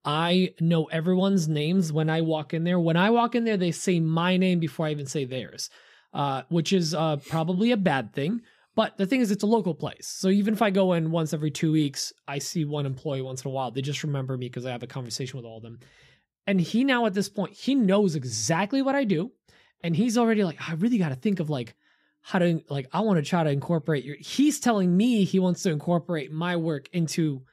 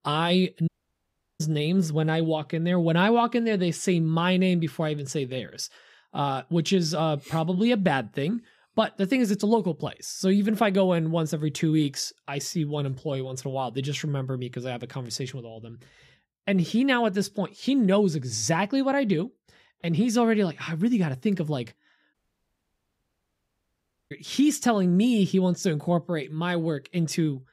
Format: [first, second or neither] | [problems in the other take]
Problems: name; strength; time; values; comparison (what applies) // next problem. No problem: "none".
first | audio cutting out; at 0.5 s for 0.5 s and at 22 s for 2 s